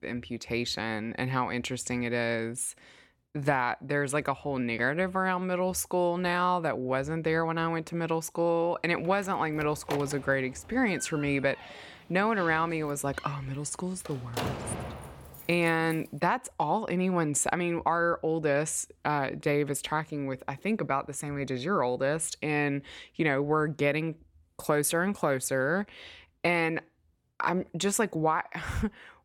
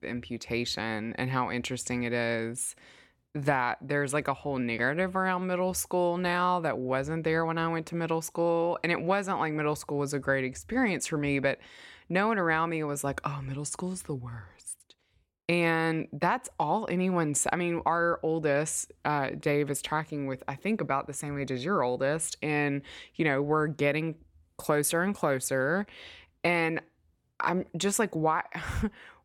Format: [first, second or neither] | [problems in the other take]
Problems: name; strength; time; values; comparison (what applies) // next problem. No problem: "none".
second | door banging; noticeable; from 9 to 16 s; peak 4 dB below the speech